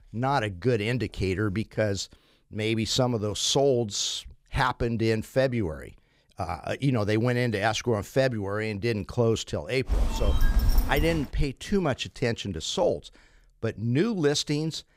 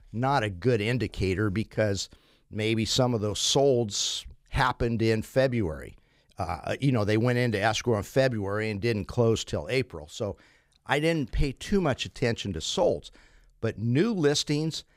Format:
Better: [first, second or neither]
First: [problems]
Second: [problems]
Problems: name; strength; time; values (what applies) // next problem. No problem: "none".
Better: second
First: phone ringing; loud; from 10 to 11 s; peak 1 dB above the speech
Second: none